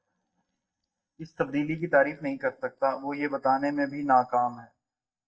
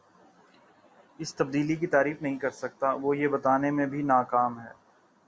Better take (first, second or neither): second